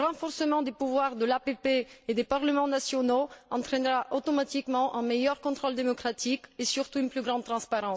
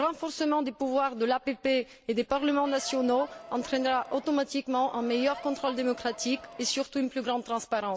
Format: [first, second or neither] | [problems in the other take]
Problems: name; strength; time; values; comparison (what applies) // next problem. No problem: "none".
first | background sound (Crowd); 15 dB below the speech